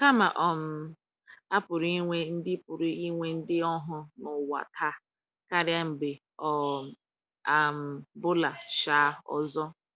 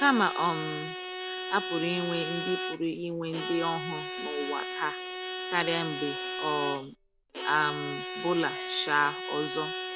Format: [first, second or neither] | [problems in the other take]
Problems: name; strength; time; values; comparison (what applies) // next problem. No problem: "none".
first | background sound (Bowed string instrument); 5 dB below the speech